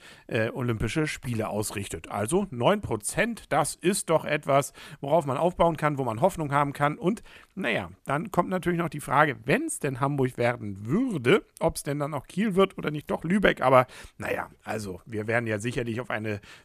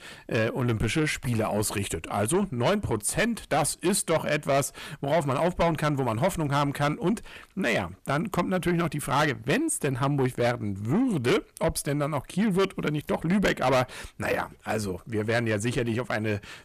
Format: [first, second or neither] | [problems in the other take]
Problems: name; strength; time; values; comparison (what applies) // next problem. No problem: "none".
first | distortion; heavy; 7 dB below the speech